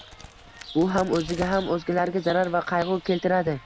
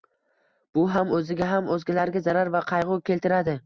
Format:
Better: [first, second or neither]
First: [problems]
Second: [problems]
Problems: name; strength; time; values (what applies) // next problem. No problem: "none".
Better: second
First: background sound (Chirp, tweet + Crack); 17 dB below the speech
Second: none